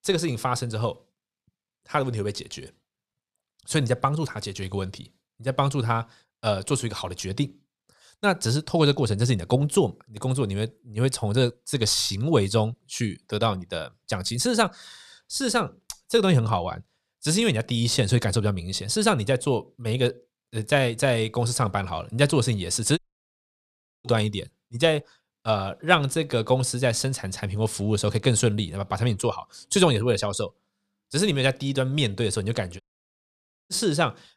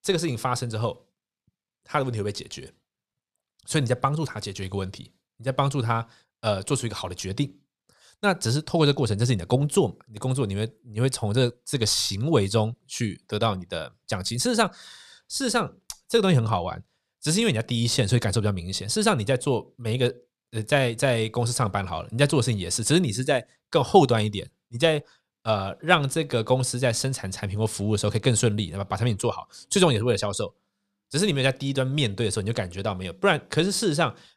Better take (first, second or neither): second